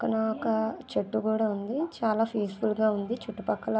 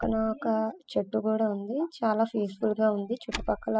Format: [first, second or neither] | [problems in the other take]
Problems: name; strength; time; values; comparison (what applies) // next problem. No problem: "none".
first | noise reduction (classical method spectral subtraction)